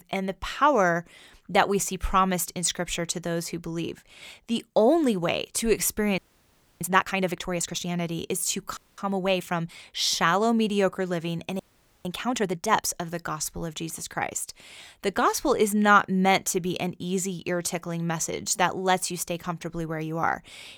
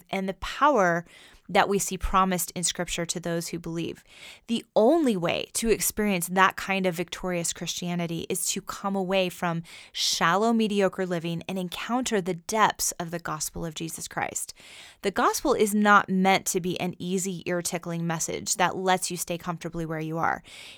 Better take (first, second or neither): second